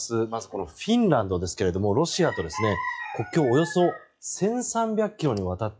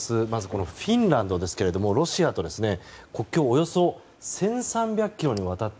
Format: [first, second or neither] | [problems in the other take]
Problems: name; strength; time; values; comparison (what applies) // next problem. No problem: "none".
second | noise reduction (classical method log-MMSE)